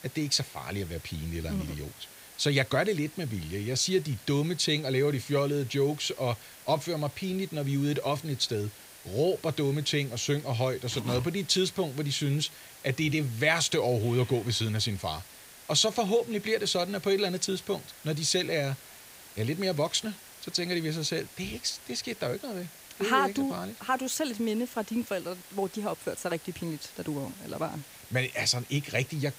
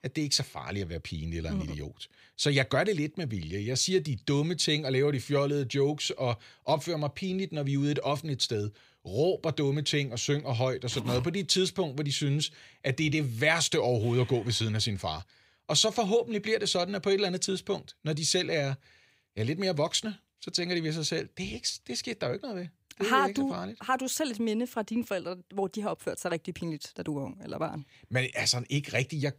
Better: second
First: hiss; noticeable; throughout; 20 dB below the speech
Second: none

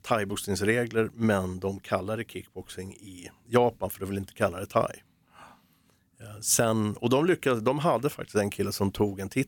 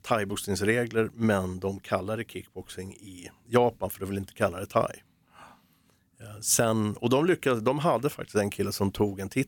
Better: neither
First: none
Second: none

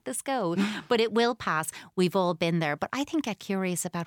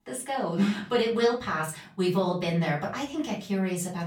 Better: first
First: none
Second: room echo; slight; dies away in 0.3 s // off-mic speech; far

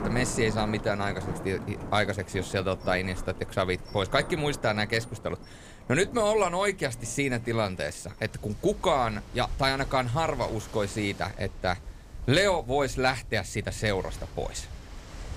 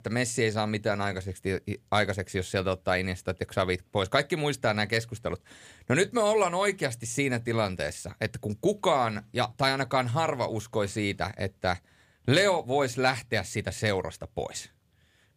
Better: second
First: rain or running water; noticeable; throughout; 15 dB below the speech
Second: none

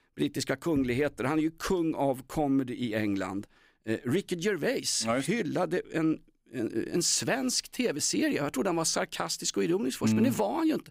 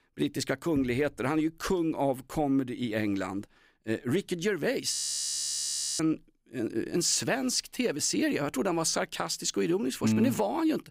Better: first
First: none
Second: audio freezing; at 5 s for 1 s

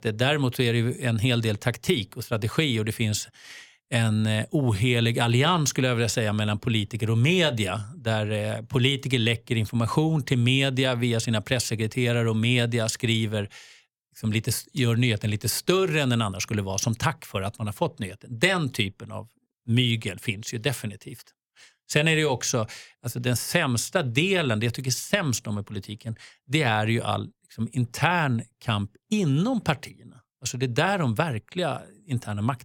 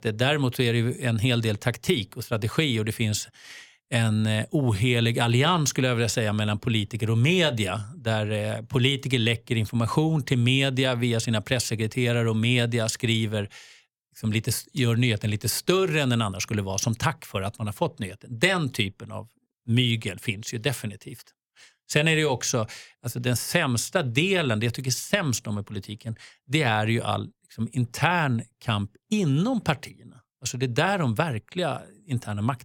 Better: neither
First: none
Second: none

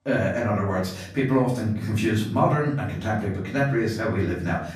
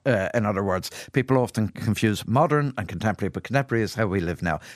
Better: second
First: off-mic speech; far // room echo; noticeable; dies away in 0.6 s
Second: none

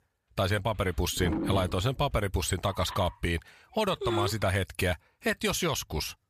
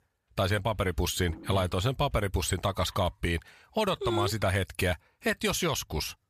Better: second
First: animal sounds; loud; until 4.5 s; 8 dB below the speech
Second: animal sounds; faint; until 4.5 s; 25 dB below the speech

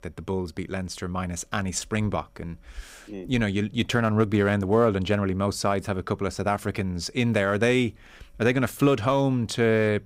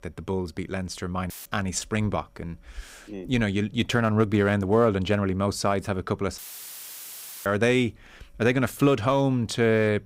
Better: first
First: none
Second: audio cutting out; filled with static; at 1.5 s and at 6.5 s for 1 s

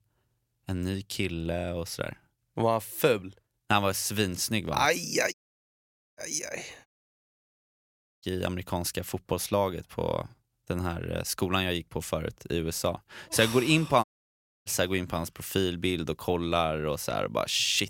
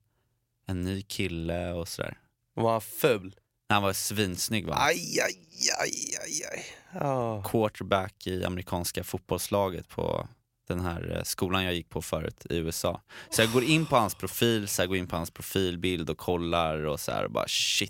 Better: second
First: audio cutting out; at 5.5 s for 1 s, at 7 s for 1.5 s and at 14 s for 0.5 s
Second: none

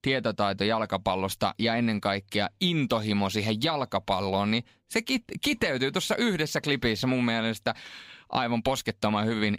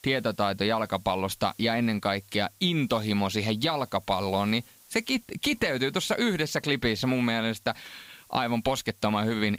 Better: first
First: none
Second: hiss; faint; throughout; 25 dB below the speech

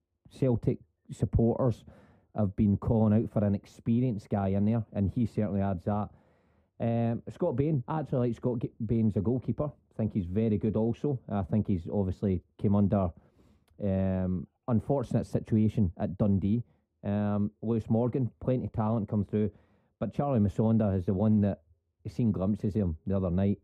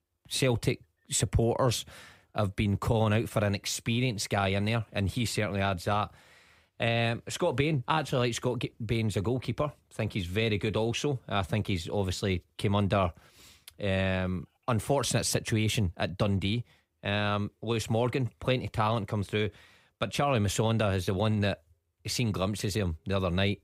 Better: second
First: muffled; very; fading above 1.5 kHz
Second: none

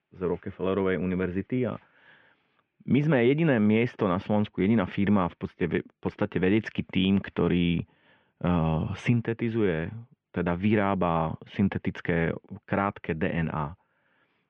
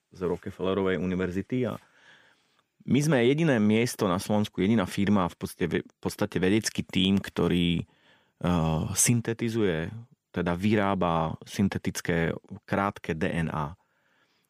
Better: second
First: muffled; very; fading above 2.5 kHz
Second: none

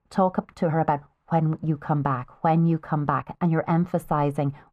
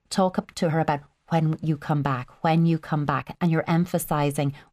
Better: second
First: muffled; very; fading above 2.5 kHz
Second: none

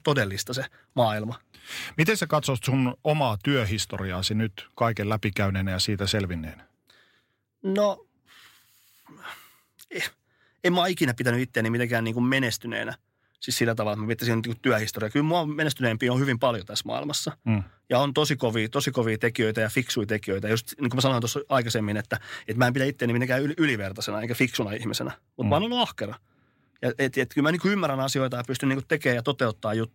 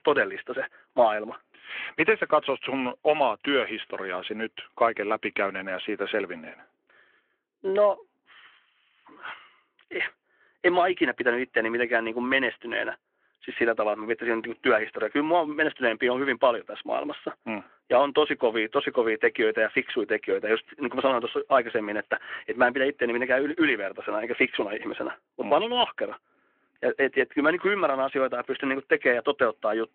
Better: first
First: none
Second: phone-call audio

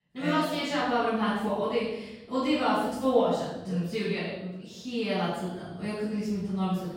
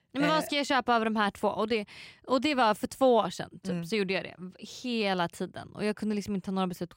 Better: second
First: off-mic speech; far // room echo; strong; dies away in 0.9 s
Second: none

